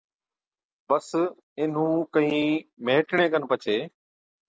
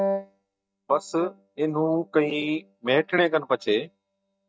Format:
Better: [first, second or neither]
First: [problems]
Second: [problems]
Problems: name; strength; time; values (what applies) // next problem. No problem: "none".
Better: first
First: none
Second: noise reduction (neural mask model DeepFilterNet 3)